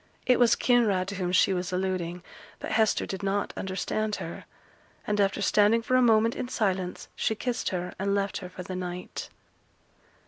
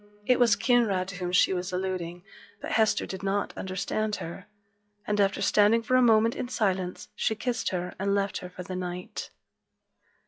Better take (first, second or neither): first